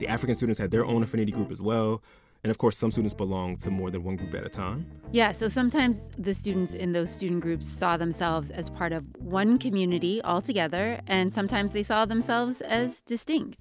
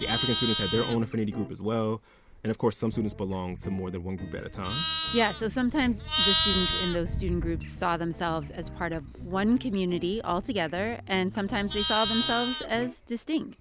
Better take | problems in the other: first | background sound (Livestock, farm animals, working animals); 5 dB below the speech

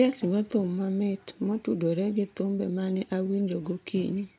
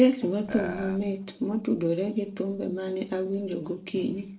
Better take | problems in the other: first | noise reduction (neural separator model SepFormer DNS4)

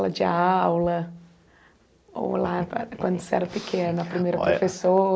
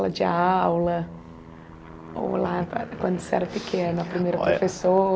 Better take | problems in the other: first | background sound (Aircraft); 17 dB below the speech

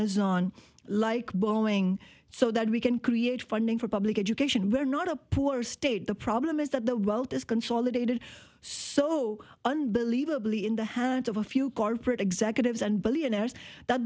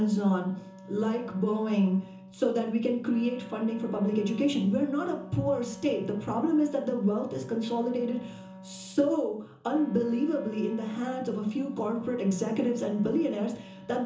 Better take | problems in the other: first | background sound (Wind instrument, woodwind instrument); 17 dB below the speech // room echo; dies away in 0.6 s

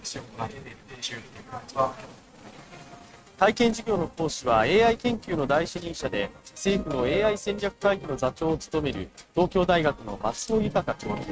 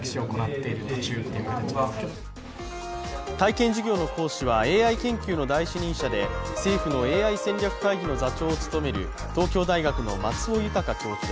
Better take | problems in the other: second | noise reduction (neural mask model RNNoise)

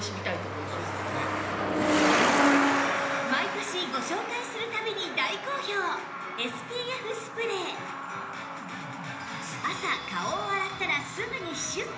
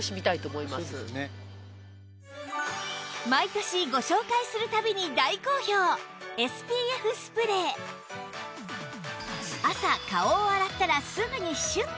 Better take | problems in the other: second | background sound (Truck); 2 dB above the speech // room echo; dies away in 1 s

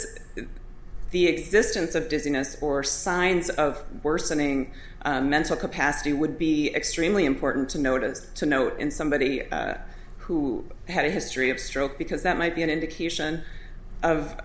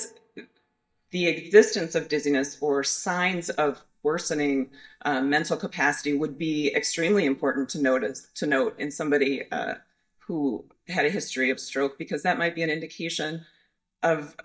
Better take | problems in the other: first | noise reduction (neural mask model DeepFilterNet 3)

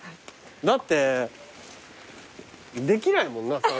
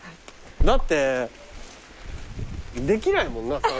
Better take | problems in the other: first | background sound (Wind); 2 dB below the speech

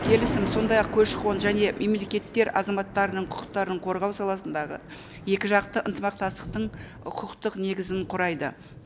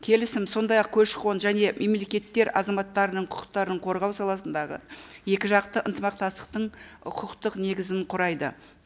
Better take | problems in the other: second | background sound (Thunder); 9 dB below the speech

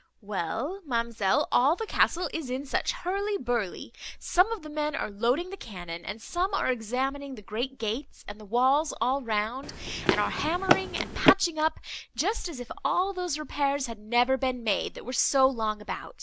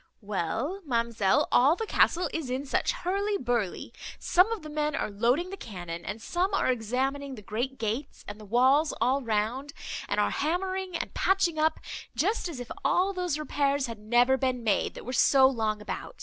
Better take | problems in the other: second | background sound (Run); 2 dB above the speech

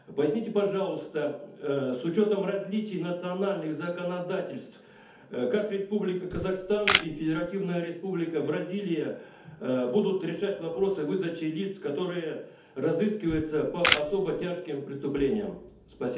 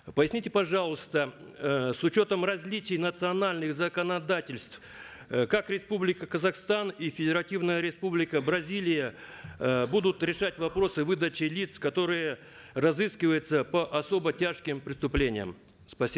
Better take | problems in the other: second | background sound (Camera); 1 dB below the speech // room echo; dies away in 0.6 s

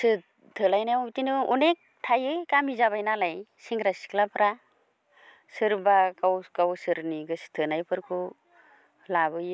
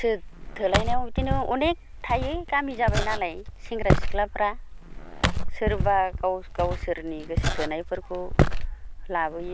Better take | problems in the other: first | background sound (Walk, footsteps); 1 dB above the speech

